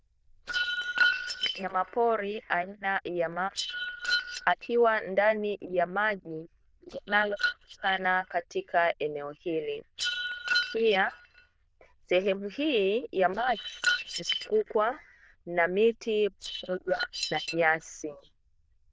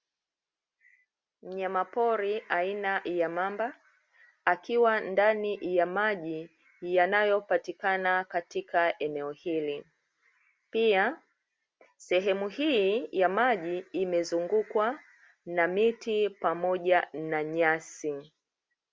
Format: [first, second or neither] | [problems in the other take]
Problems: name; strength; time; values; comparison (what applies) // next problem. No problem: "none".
second | noise reduction (neural diffusion model UNIVERSE++)